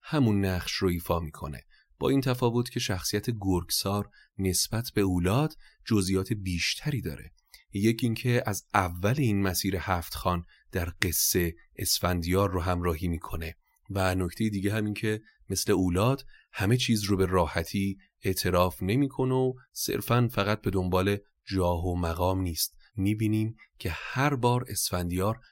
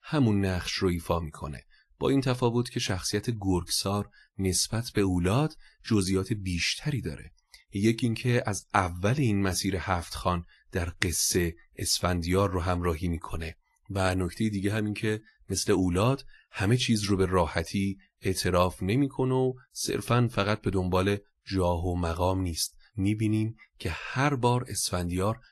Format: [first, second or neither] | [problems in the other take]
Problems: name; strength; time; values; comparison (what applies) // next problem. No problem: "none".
first | garbled, watery; slightly; nothing above 12 kHz